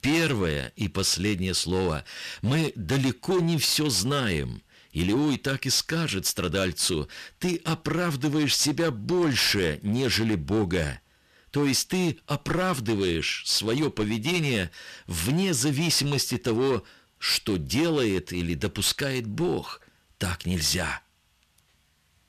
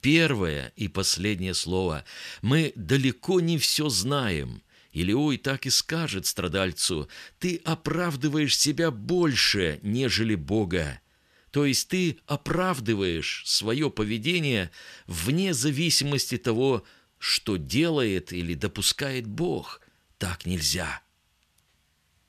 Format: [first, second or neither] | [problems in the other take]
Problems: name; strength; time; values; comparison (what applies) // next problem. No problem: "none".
second | distortion; slight; 10% of the sound clipped